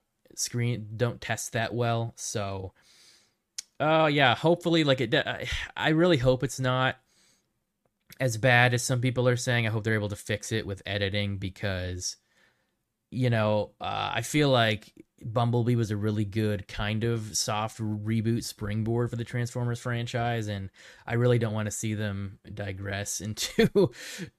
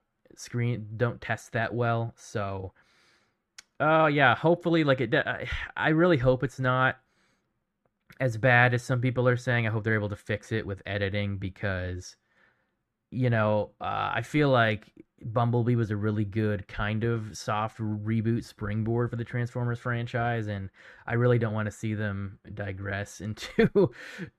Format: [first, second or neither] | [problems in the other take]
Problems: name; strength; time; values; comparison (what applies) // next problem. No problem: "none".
first | muffled; slightly; fading above 3.5 kHz